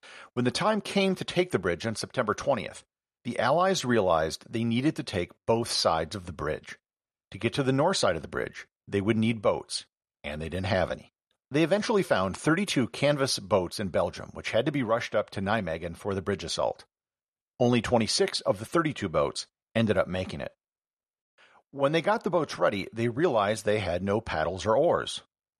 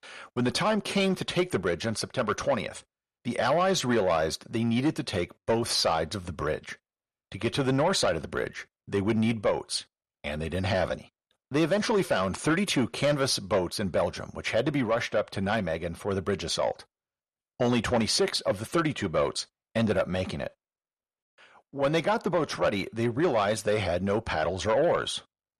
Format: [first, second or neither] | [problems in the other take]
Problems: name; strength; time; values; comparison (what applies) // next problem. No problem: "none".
first | distortion; slight; 10 dB below the speech